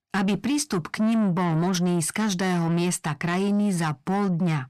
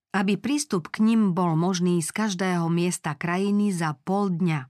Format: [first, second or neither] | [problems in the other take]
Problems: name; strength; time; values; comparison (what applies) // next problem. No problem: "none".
second | distortion; slight; 10 dB below the speech